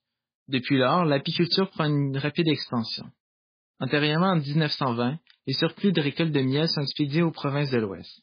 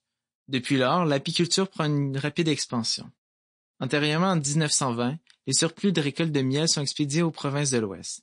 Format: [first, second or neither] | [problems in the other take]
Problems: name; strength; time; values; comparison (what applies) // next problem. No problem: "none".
second | garbled, watery; badly; slightly in the second